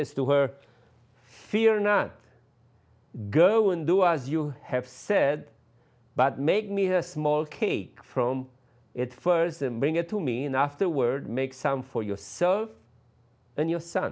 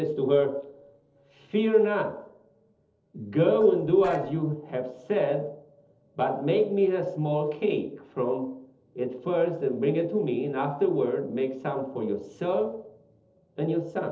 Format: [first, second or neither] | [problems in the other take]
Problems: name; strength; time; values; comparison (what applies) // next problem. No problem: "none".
first | noise reduction (neural separator model SepFormer DNS4)